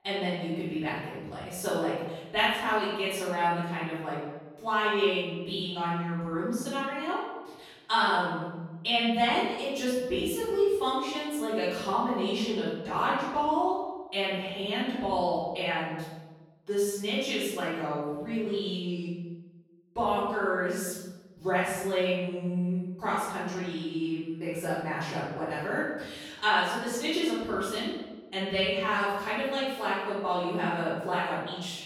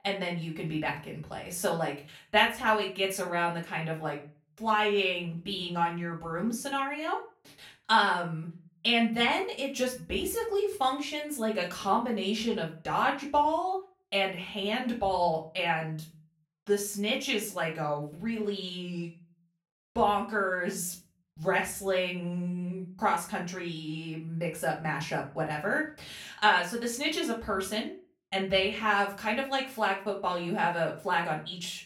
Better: second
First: room echo; strong; dies away in 1.1 s // off-mic speech; far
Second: room echo; slight; dies away in 0.3 s // off-mic speech; far

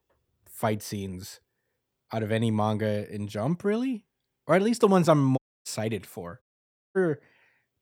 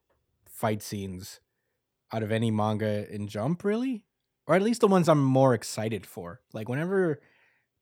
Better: second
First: audio cutting out; at 5.5 s and at 6.5 s for 0.5 s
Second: none

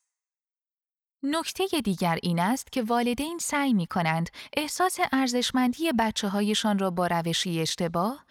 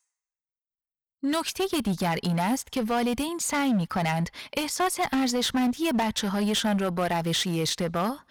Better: first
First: none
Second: distortion; slight; 11% of the sound clipped

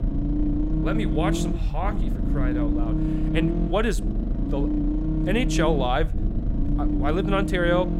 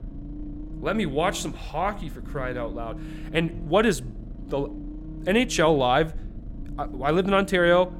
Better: second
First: low rumble; loud; throughout; 5 dB below the speech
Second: low rumble; faint; throughout; 20 dB below the speech

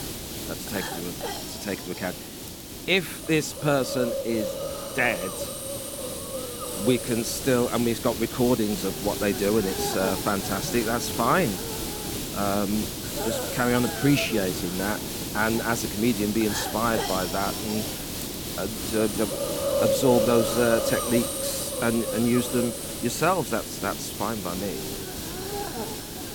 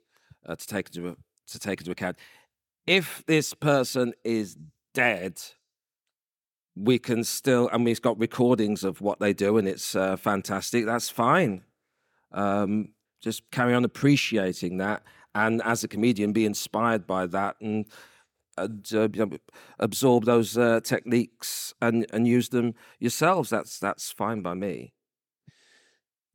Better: second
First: hiss; loud; throughout; 3 dB below the speech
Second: none

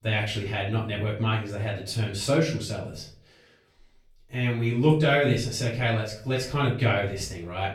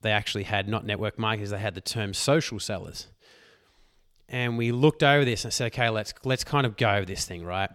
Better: second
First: off-mic speech; far // room echo; slight; dies away in 0.4 s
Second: none

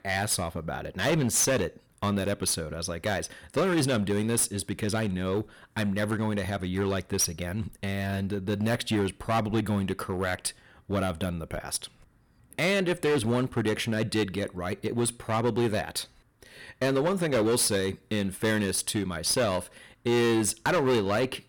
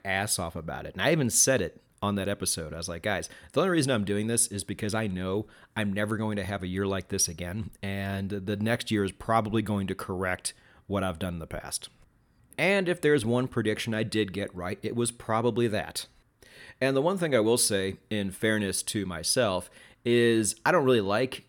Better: second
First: distortion; slight; 9% of the sound clipped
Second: none

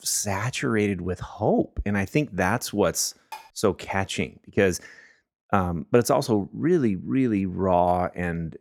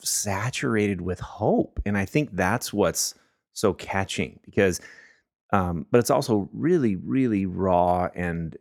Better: second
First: clattering dishes; faint; at 3.5 s; peak 20 dB below the speech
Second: none

